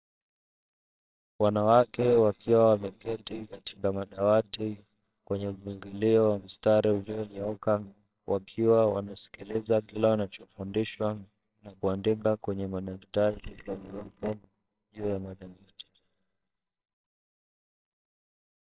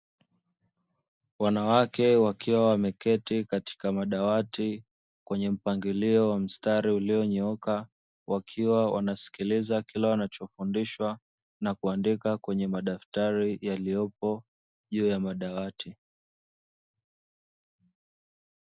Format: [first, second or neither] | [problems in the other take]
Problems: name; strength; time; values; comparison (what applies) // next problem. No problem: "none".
second | noise reduction (neural separator model SepFormer WHAMR!)